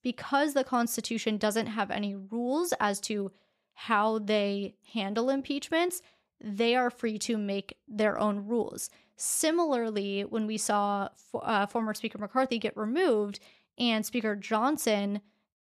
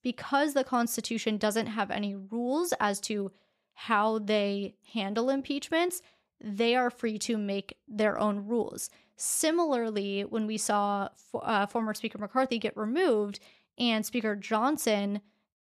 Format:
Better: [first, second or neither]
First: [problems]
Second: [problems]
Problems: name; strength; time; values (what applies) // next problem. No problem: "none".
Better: neither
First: none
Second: none